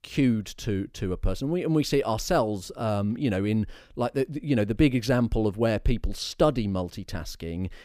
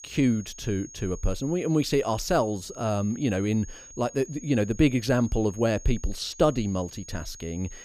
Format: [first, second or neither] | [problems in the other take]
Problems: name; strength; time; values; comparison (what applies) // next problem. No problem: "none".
first | high-pitched whine; noticeable; throughout; 6.5 kHz, 15 dB below the speech